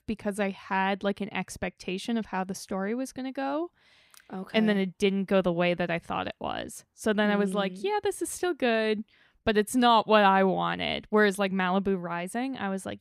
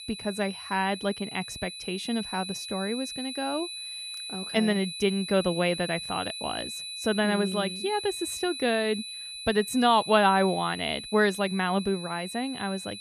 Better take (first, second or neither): first